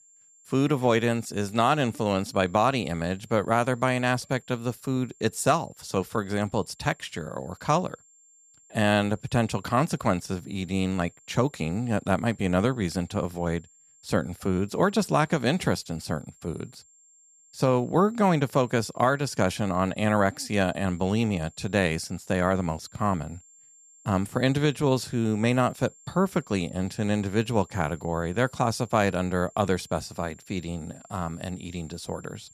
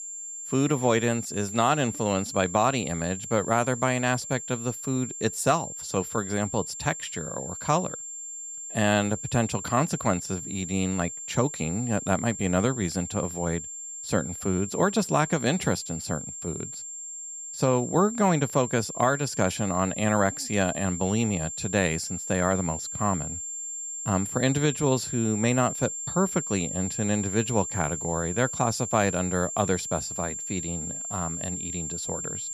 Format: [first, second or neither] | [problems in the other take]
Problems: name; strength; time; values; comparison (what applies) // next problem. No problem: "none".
first | high-pitched whine; loud; throughout; 7.5 kHz, 6 dB below the speech; faint in the first